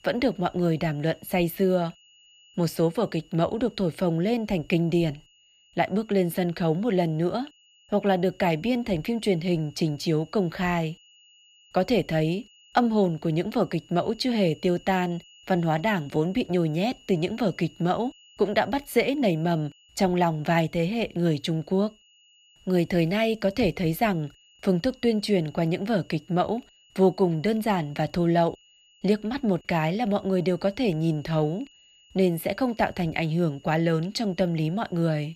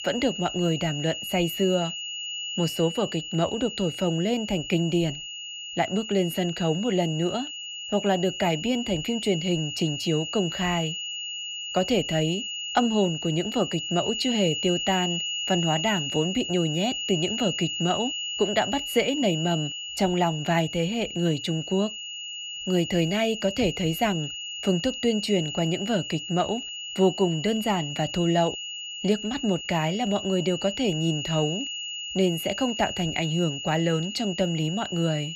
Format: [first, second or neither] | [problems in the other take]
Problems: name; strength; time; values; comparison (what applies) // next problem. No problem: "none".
first | high-pitched whine; loud; throughout; 3 kHz, 5 dB below the speech; faint in the first